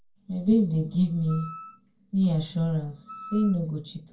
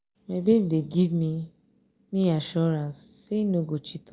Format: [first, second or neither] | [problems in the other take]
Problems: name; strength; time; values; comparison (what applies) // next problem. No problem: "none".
second | background sound (Wind instrument, woodwind instrument); 20 dB below the speech // room echo; dies away in 0.2 s